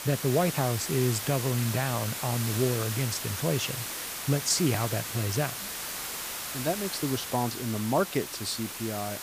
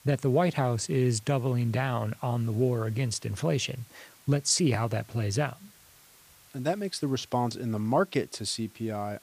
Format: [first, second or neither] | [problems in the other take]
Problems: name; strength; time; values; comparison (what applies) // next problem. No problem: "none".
second | hiss; loud; throughout; 4 dB below the speech; faint in the second